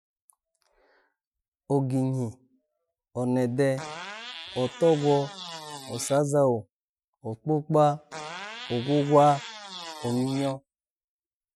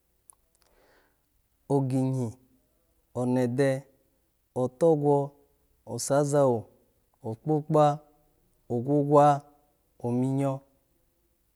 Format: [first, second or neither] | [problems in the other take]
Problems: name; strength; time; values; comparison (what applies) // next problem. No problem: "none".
second | noise reduction (classical method Wiener filter)